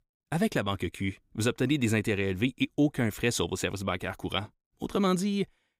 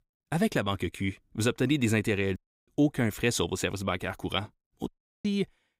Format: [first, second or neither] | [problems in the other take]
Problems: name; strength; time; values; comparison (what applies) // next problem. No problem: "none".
first | audio cutting out; at 2.5 s and at 5 s